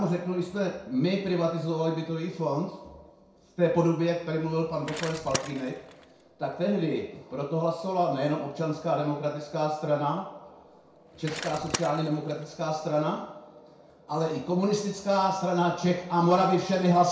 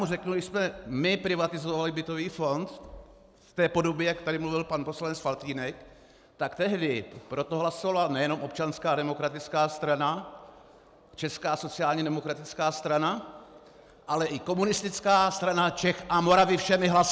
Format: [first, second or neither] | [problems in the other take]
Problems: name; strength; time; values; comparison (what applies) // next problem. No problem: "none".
second | background sound (Bicycle); 12 dB below the speech // room echo; dies away in 0.6 s